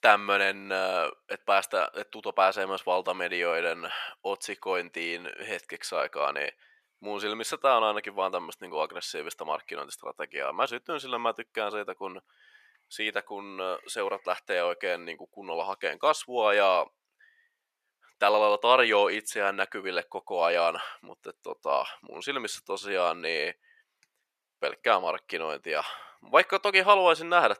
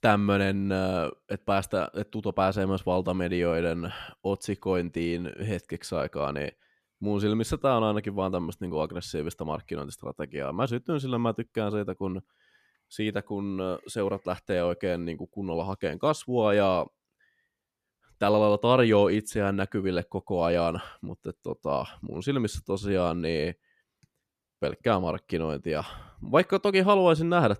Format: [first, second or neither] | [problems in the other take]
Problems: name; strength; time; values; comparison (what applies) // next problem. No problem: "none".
second | thin; very; fading below 750 Hz